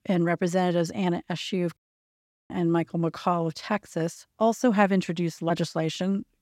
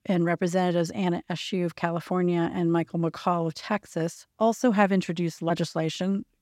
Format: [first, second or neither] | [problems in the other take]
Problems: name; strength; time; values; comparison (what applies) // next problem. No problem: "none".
second | audio cutting out; at 2 s for 0.5 s